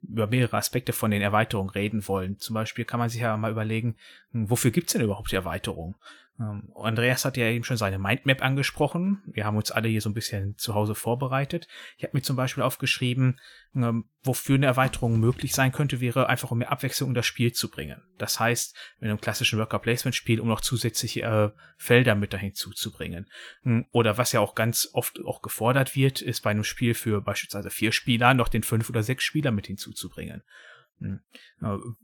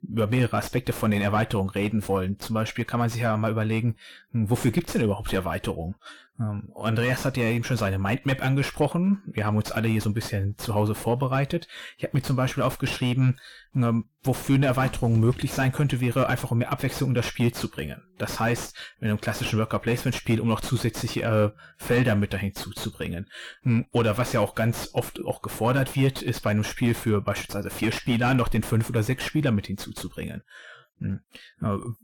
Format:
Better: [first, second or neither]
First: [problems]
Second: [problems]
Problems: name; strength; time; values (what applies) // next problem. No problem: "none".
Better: first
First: none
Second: distortion; heavy; 6 dB below the speech